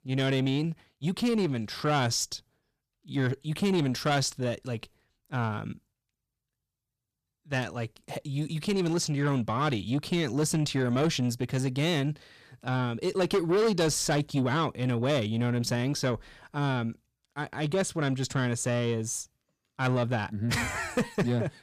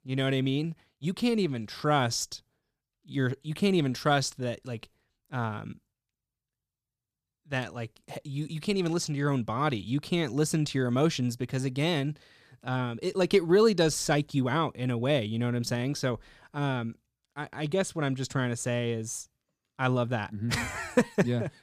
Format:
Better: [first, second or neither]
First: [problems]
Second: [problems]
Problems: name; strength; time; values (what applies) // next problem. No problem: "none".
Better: second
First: distortion; slight; 10 dB below the speech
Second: none